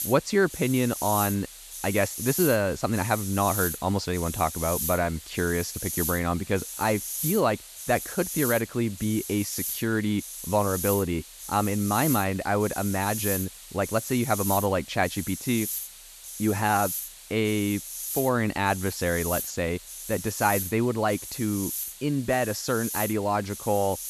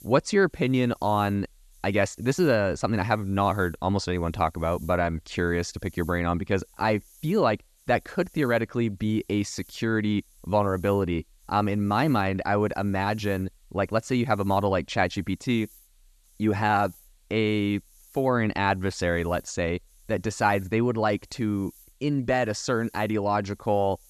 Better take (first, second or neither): second